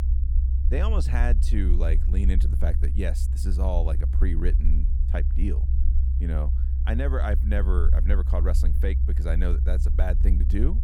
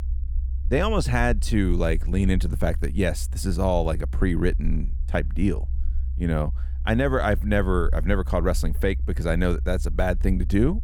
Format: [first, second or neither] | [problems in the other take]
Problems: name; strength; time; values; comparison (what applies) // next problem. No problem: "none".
second | low rumble; loud; throughout; 8 dB below the speech; faint in the second